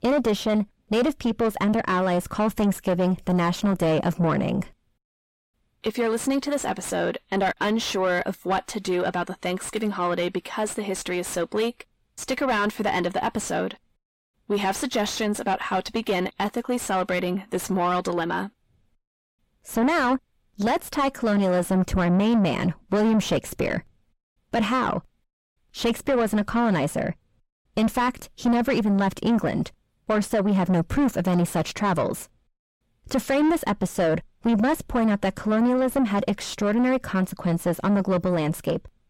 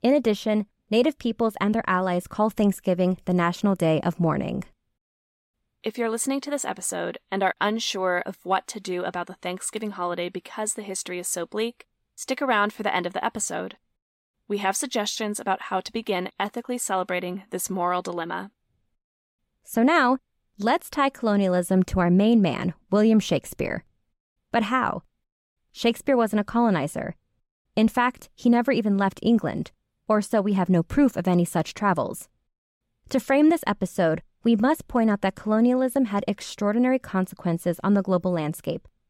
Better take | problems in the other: second | distortion; heavy; 6 dB below the speech

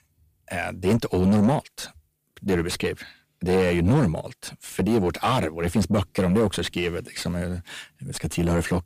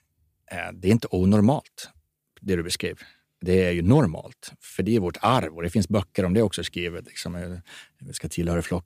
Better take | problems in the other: second | distortion; heavy; 7 dB below the speech

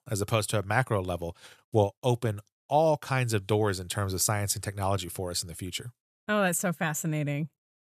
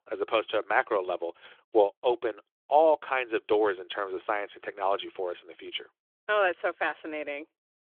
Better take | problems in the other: first | phone-call audio; nothing above 3.5 kHz

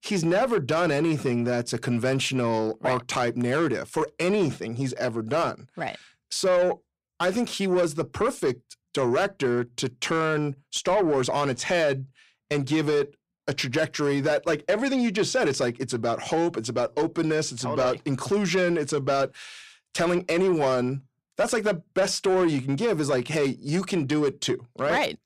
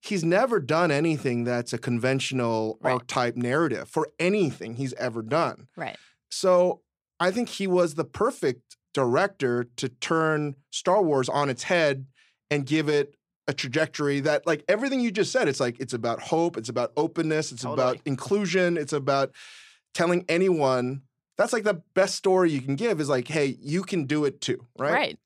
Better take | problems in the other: second | distortion; slight; 10 dB below the speech

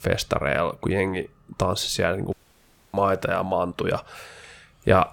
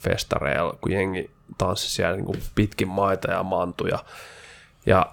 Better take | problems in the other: second | audio cutting out; at 2.5 s for 0.5 s

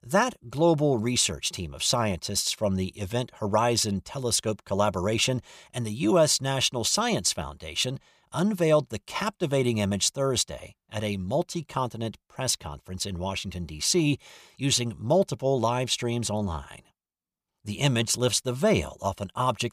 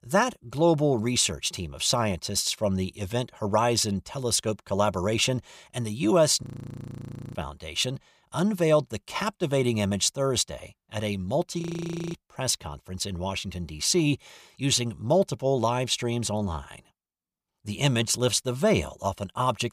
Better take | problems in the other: first | audio freezing; at 6.5 s for 1 s and at 12 s for 0.5 s

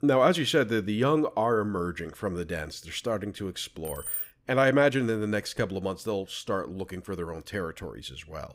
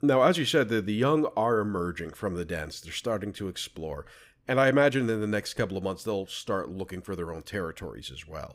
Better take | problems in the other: second | jangling keys; noticeable; at 4 s; peak 3 dB below the speech

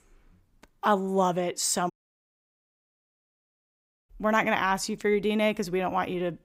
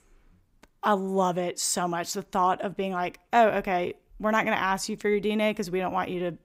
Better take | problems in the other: second | audio cutting out; at 2 s for 2 s

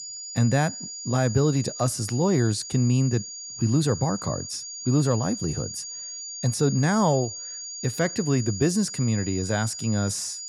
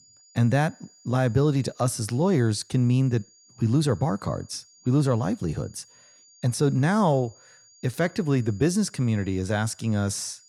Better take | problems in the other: second | high-pitched whine; loud; throughout; 7 kHz, 9 dB below the speech; faint in the second

